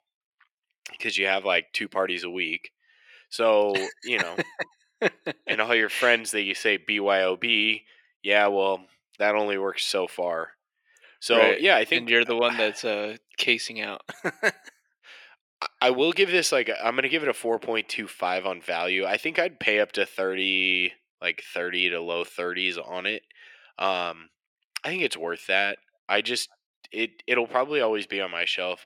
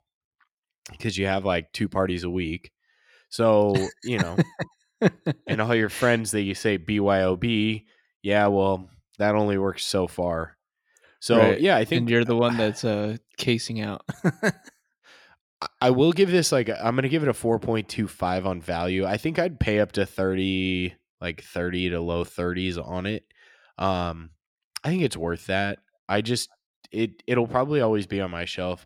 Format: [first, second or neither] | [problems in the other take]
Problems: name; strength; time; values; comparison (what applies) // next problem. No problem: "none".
second | thin; somewhat; fading below 450 Hz